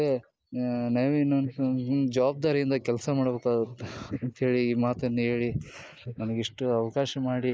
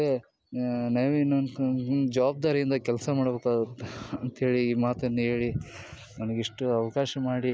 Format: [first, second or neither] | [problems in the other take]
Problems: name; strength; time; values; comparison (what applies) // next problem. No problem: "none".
second | noise reduction (neural mask model Resemble Enhance denoiser)